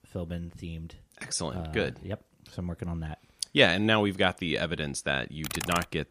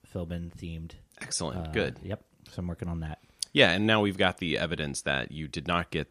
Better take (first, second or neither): second